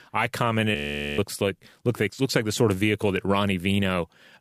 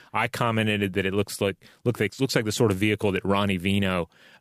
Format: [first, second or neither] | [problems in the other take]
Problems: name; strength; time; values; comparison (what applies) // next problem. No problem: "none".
second | audio freezing; at 1 s